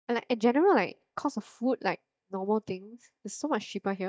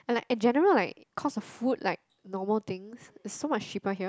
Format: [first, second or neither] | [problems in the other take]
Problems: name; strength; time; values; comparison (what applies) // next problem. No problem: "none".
second | noise reduction (neural mask model DeepFilterNet 3)